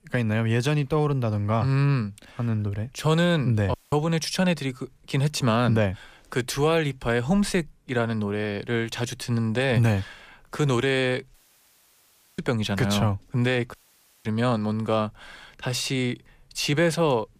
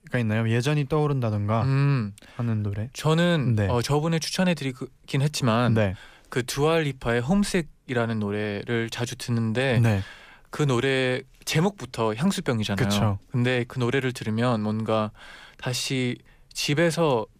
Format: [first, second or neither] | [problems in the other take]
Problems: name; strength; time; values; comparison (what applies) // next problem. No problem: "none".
second | audio cutting out; at 3.5 s, at 11 s for 1 s and at 14 s for 0.5 s